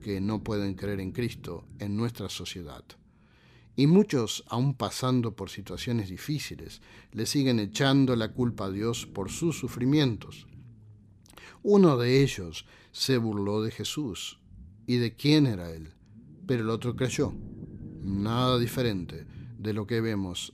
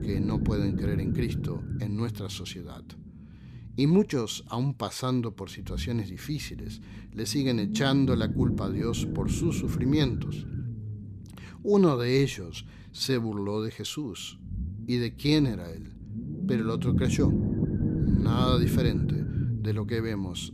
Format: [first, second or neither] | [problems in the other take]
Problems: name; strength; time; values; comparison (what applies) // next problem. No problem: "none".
first | low rumble; loud; throughout; 6 dB below the speech; faint in the first